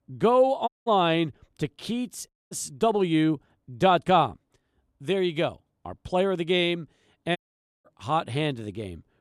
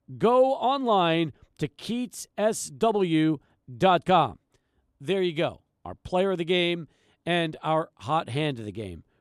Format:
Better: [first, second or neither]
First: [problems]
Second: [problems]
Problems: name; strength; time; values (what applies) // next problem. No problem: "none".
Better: second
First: audio cutting out; at 0.5 s, at 2.5 s and at 7.5 s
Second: none